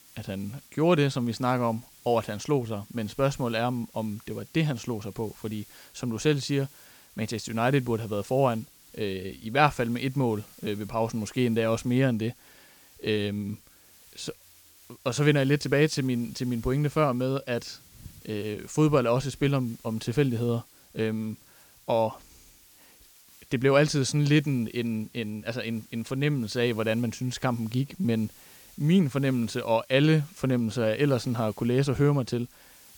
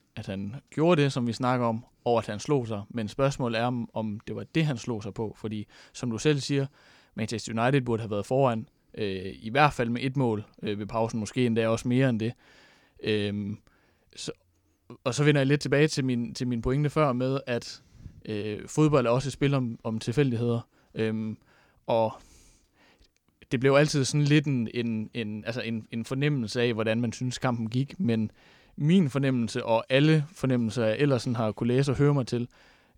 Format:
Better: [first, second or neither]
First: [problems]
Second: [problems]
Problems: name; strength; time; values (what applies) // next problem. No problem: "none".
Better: second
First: hiss; faint; throughout; 25 dB below the speech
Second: none